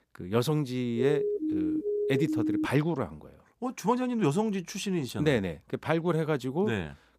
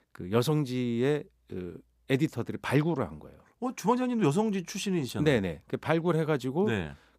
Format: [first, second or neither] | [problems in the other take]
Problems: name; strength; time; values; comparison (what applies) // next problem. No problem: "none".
second | siren; loud; from 1 to 2.5 s; peak level with the speech